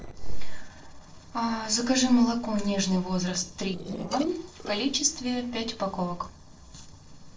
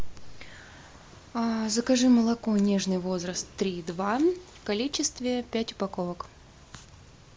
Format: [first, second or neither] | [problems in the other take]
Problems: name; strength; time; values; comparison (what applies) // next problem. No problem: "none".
second | noise reduction (neural separator model SepFormer DNS4)